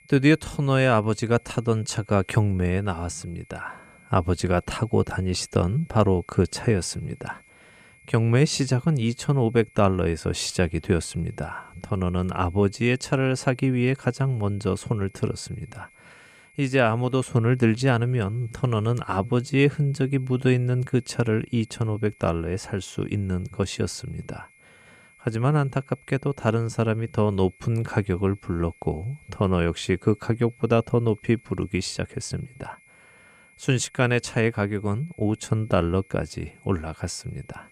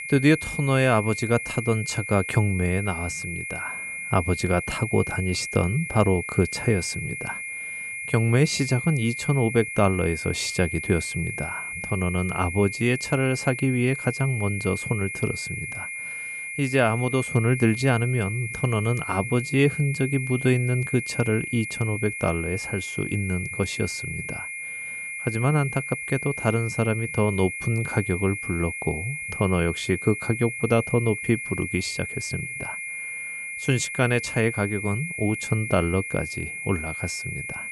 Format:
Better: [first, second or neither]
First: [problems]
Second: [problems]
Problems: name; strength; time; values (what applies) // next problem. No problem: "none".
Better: first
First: high-pitched whine; faint; throughout; 2 kHz, 30 dB below the speech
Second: high-pitched whine; loud; throughout; 2 kHz, 6 dB below the speech